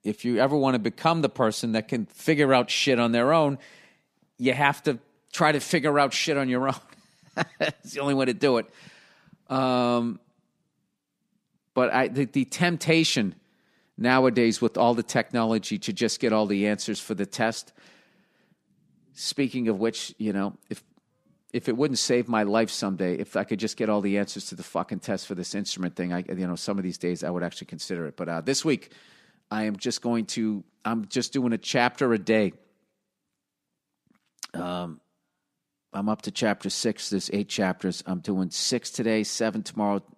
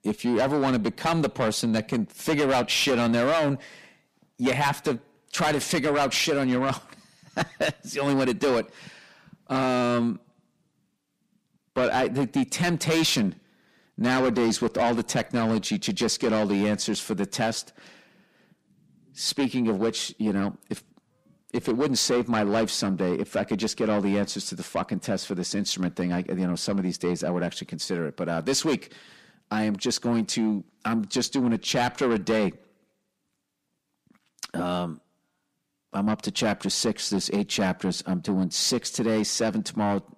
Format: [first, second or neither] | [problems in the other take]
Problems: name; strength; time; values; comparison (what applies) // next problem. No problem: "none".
first | distortion; heavy; 7 dB below the speech